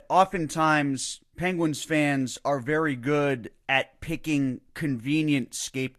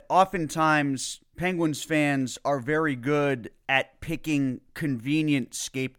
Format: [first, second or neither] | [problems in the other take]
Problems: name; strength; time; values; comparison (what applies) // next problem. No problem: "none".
second | garbled, watery; slightly; nothing above 12.5 kHz